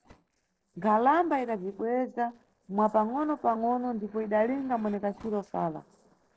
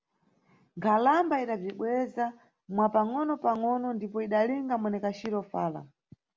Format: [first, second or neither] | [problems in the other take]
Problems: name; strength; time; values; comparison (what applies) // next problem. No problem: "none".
second | noise reduction (neural separator model SepFormer DNS4)